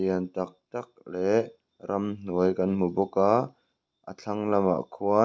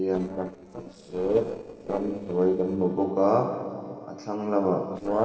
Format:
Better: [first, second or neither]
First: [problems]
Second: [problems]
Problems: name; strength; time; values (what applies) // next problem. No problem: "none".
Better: first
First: none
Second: noise reduction (neural separator model SepFormer DNS4)